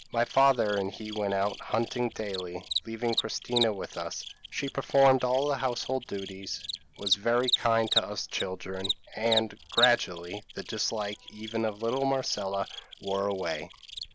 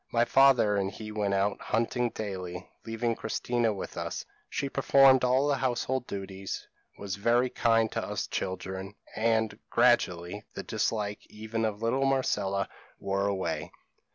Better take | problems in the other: second | background sound (Cricket); 8 dB below the speech

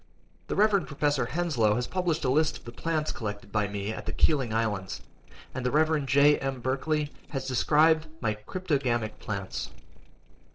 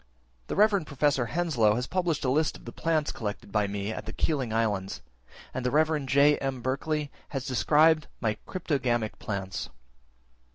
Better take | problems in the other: second | noise reduction (neural separator model SepFormer DNS4)

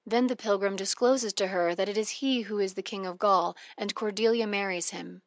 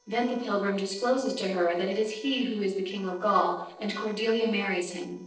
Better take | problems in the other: first | noise reduction (neural separator model SepFormer DNS4)

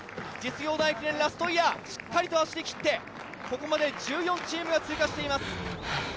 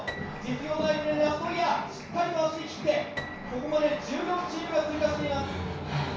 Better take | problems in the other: first | background sound (Piano); 17 dB below the speech // room echo; dies away in 0.6 s

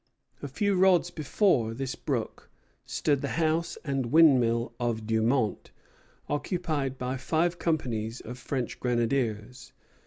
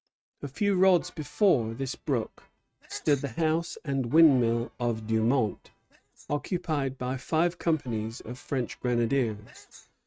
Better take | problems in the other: first | noise reduction (neural mask model RNNoise)

